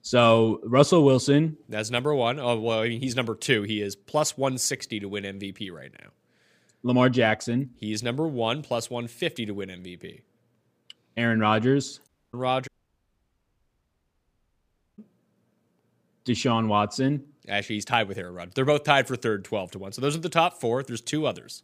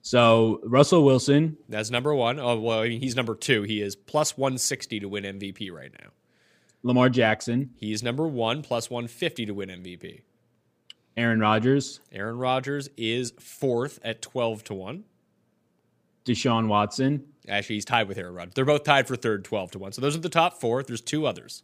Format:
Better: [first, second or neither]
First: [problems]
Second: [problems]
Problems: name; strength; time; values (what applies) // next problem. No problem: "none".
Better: second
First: audio cutting out; at 12 s and at 13 s for 2.5 s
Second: none